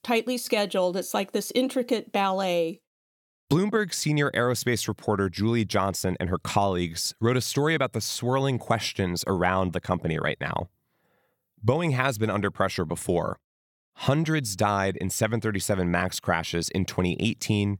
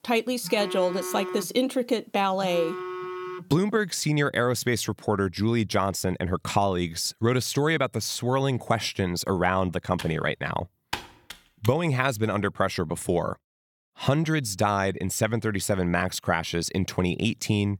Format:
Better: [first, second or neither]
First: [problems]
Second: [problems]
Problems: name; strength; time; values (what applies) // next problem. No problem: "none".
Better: first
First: none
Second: phone ringing; noticeable; until 3.5 s; peak 7 dB below the speech // keyboard typing; noticeable; from 10 to 12 s; peak 9 dB below the speech